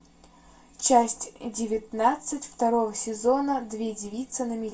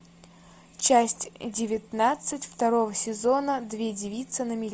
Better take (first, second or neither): second